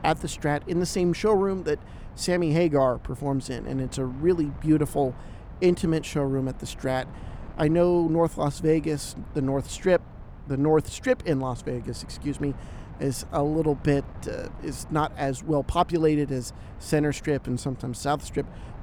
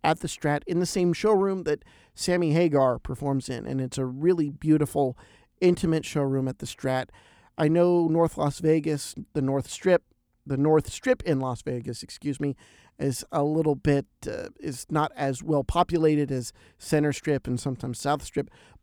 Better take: second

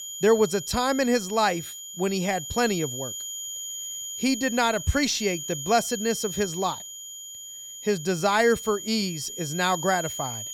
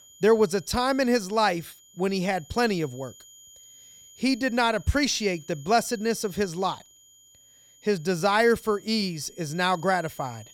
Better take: second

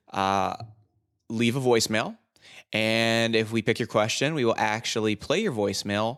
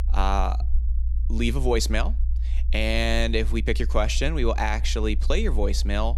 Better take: first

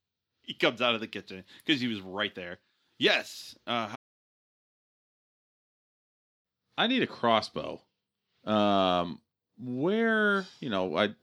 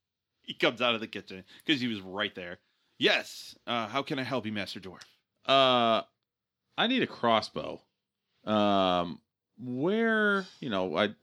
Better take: second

